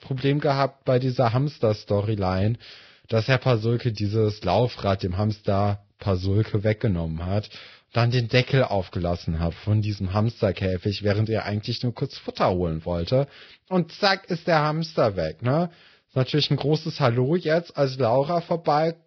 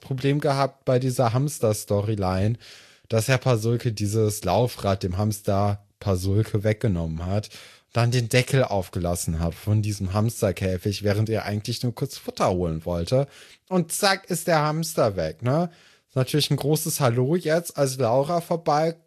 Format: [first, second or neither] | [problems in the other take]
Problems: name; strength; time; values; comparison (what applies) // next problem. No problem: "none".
second | garbled, watery; badly; nothing above 5.5 kHz; slightly in the second